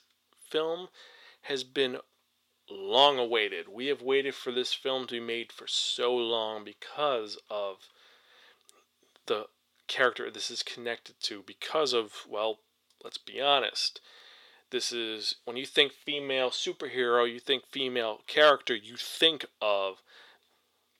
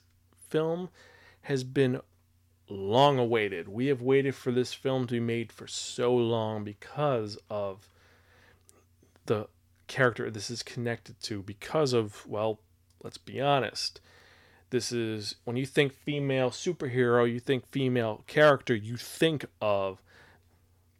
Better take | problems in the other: second | thin; somewhat; fading below 450 Hz

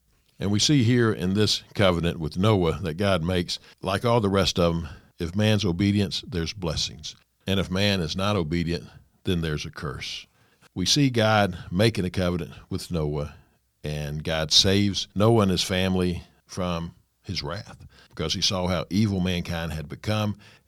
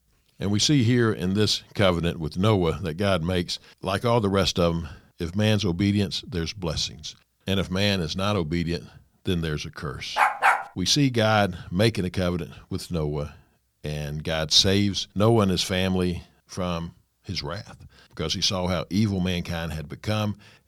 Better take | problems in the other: first | dog barking; loud; at 10 s; peak 5 dB above the speech

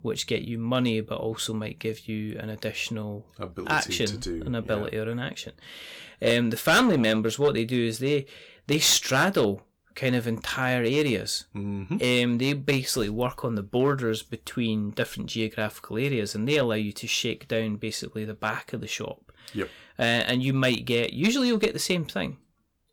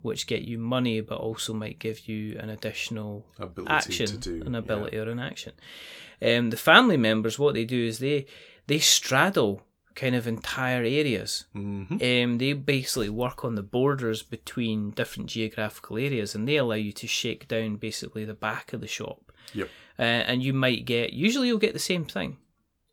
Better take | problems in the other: second | distortion; slight; 2% of the sound clipped

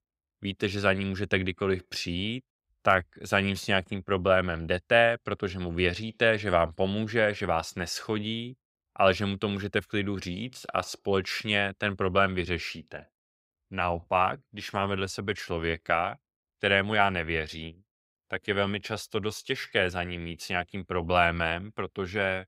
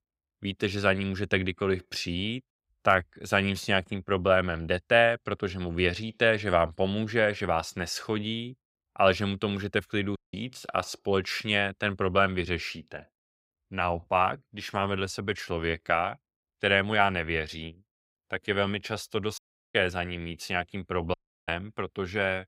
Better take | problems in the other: first | audio cutting out; at 10 s, at 19 s and at 21 s

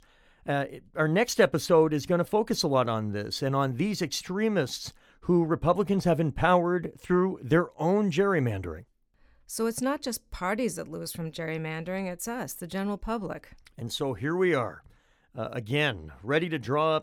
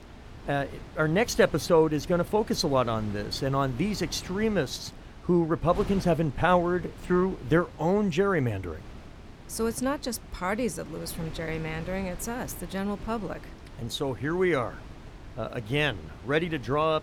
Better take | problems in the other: first | wind noise on the microphone; occasional gusts; 20 dB below the speech

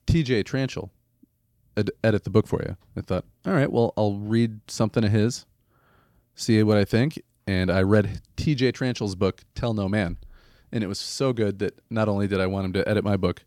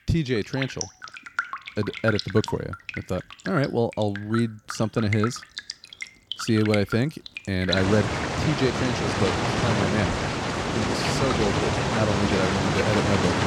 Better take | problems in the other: first | rain or running water; loud; throughout; 1 dB below the speech

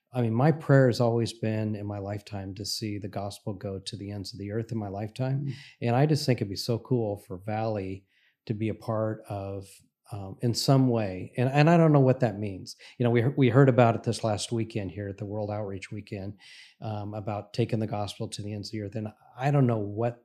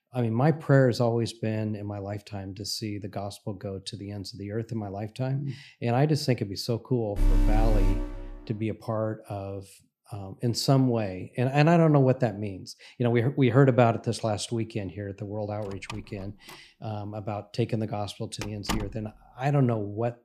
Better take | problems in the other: first | alarm; loud; from 7 to 8.5 s; peak 1 dB above the speech // door banging; noticeable; from 16 to 19 s; peak 6 dB below the speech

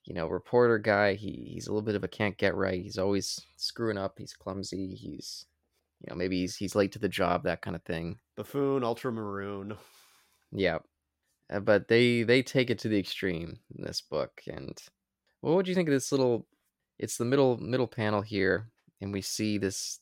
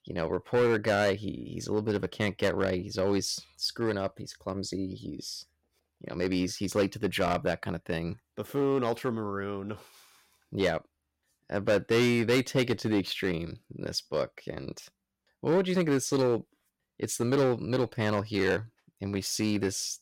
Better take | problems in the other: first | distortion; slight; 4% of the sound clipped

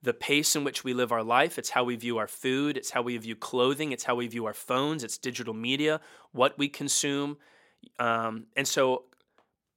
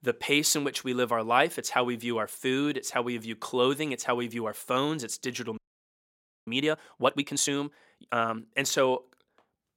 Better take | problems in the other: first | audio freezing; at 5.5 s for 1 s

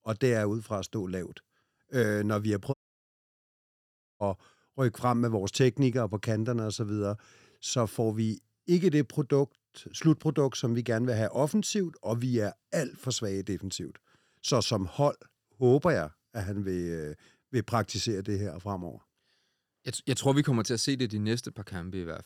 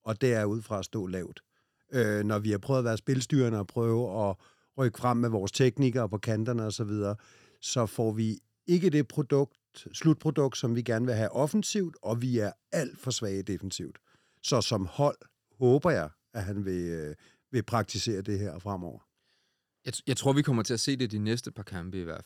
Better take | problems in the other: second | audio cutting out; at 2.5 s for 1.5 s

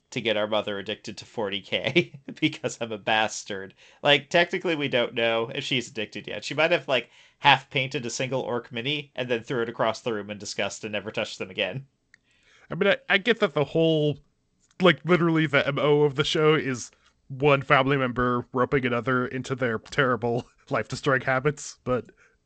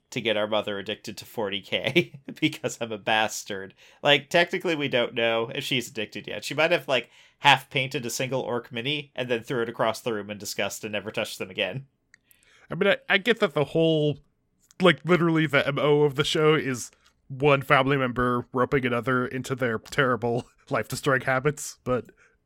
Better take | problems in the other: second | garbled, watery; slightly; nothing above 8 kHz

